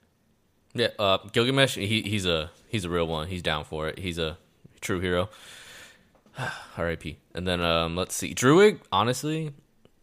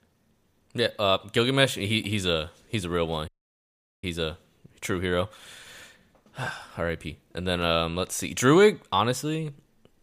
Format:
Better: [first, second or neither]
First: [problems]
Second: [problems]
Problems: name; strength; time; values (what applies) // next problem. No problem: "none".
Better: first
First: none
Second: audio cutting out; at 3.5 s for 1 s